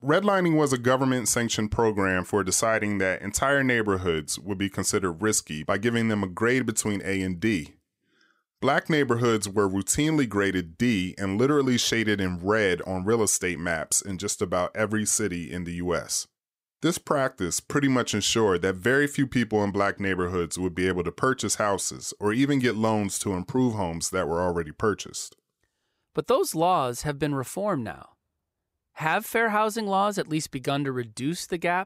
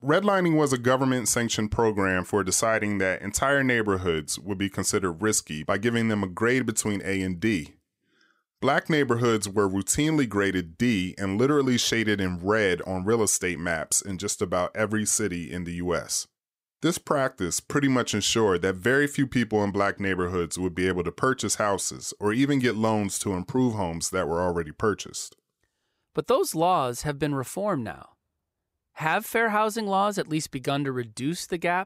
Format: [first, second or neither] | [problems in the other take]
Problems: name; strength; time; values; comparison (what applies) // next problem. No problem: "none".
neither | none